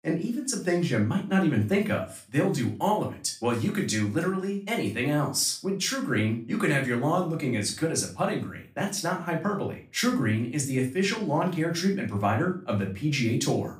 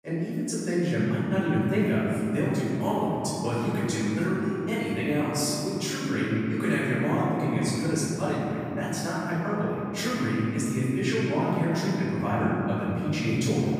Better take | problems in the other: first | room echo; strong; dies away in 3 s; slight in the first // off-mic speech; far; far in the first

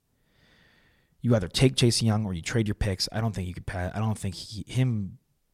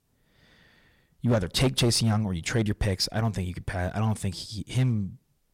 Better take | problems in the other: first | distortion; slight; 3% of the sound clipped

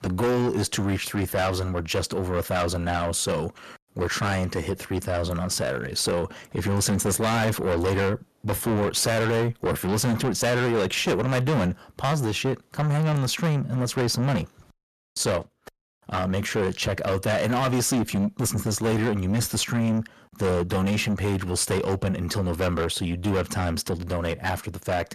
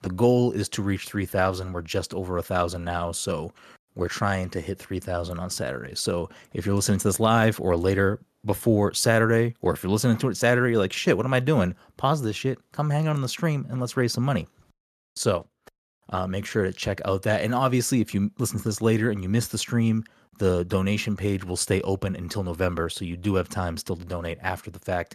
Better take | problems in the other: second | distortion; heavy; 6 dB below the speech

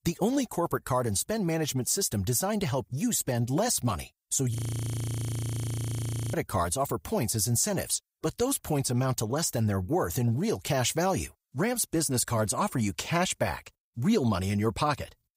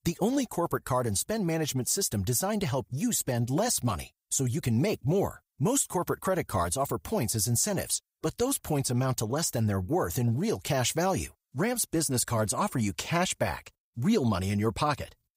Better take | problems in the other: second | audio freezing; at 4.5 s for 2 s

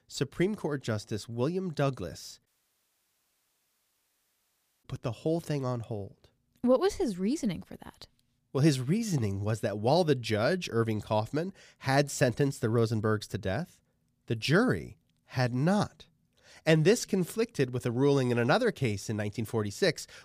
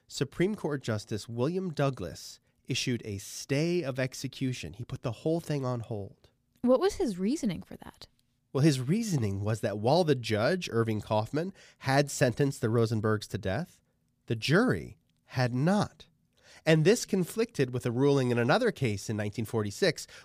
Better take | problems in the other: second | audio cutting out; at 2.5 s for 2.5 s

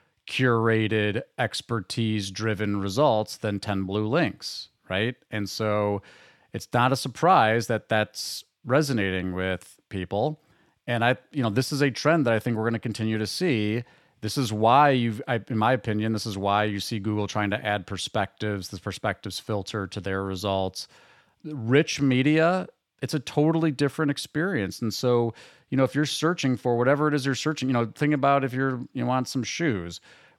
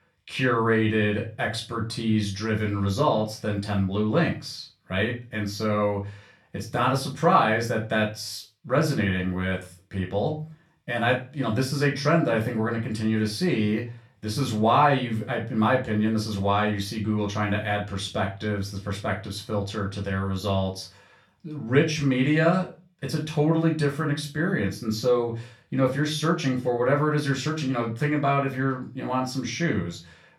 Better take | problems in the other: first | off-mic speech; far // room echo; very slight; dies away in 0.3 s

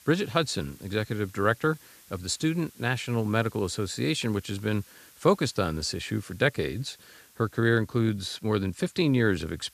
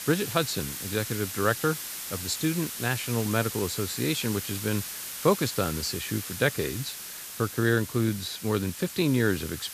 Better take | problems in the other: first | hiss; loud; throughout; 6 dB below the speech; faint in the first

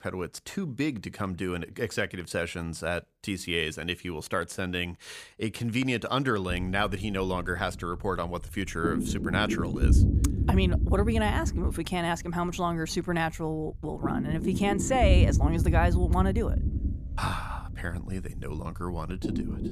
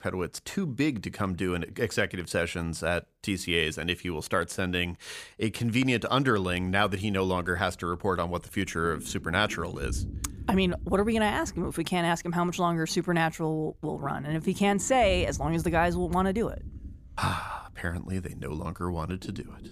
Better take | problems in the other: second | low rumble; loud; from 6.5 s on; 7 dB below the speech; faint in the second

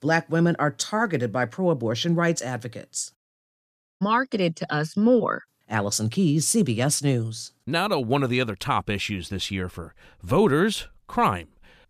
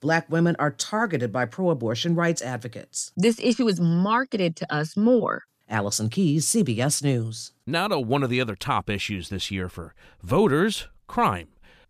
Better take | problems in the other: second | audio cutting out; at 3 s for 1 s

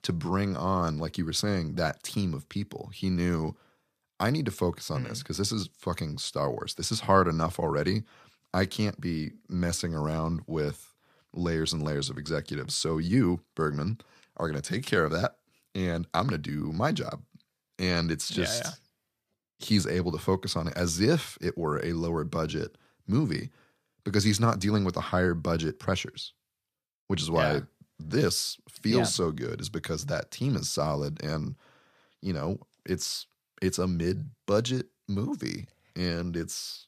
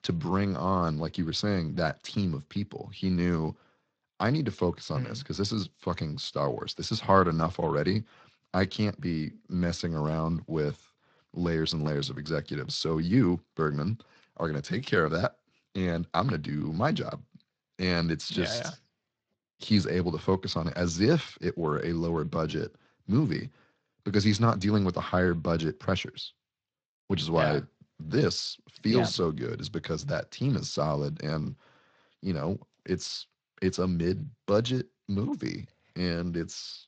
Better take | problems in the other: first | garbled, watery; slightly

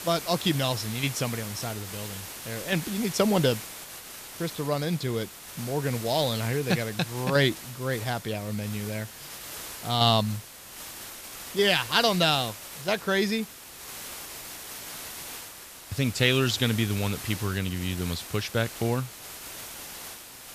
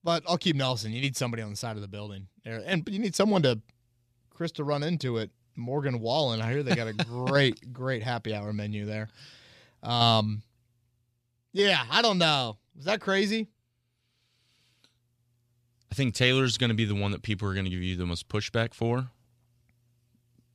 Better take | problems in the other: second | hiss; noticeable; throughout; 10 dB below the speech

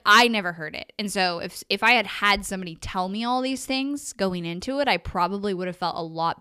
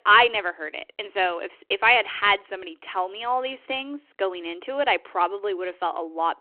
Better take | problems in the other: first | phone-call audio

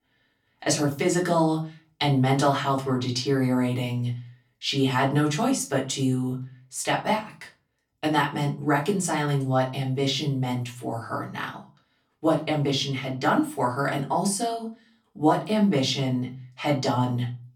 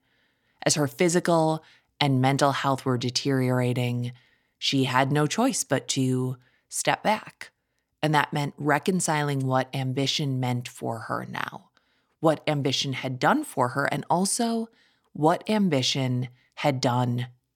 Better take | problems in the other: second | off-mic speech; far // room echo; very slight; dies away in 0.3 s

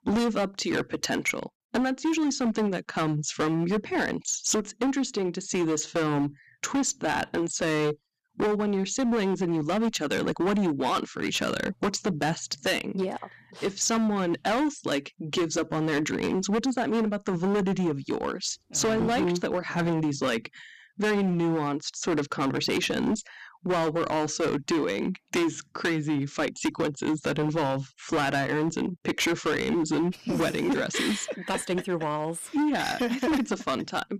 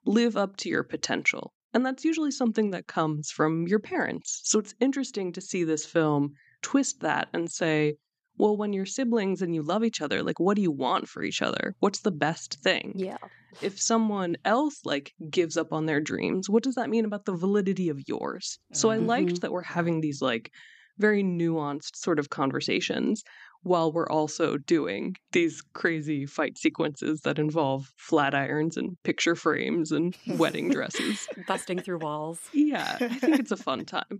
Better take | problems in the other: second | distortion; heavy; 17% of the sound clipped

